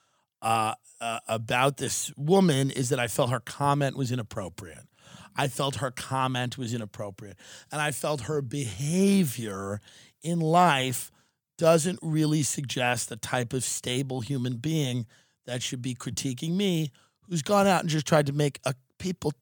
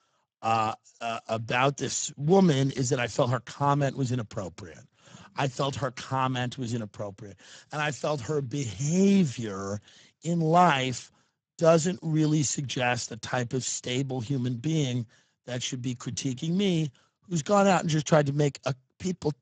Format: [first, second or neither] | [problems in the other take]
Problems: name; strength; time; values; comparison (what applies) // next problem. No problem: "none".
first | garbled, watery; badly; nothing above 7.5 kHz